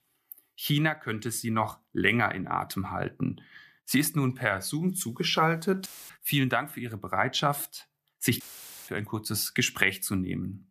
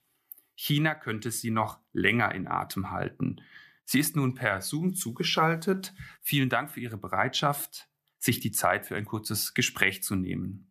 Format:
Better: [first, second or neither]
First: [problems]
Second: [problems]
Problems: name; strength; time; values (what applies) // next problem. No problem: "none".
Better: second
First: audio cutting out; filled with static; at 6 s and at 8.5 s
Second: none